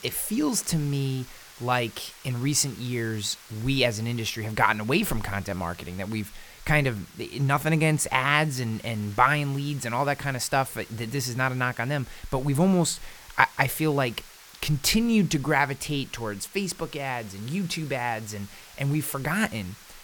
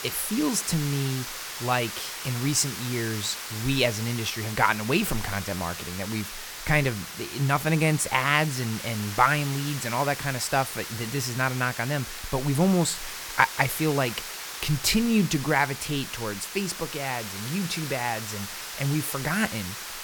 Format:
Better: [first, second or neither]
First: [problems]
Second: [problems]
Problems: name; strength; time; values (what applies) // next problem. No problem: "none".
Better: first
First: hiss; faint; throughout; 20 dB below the speech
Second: hiss; loud; throughout; 8 dB below the speech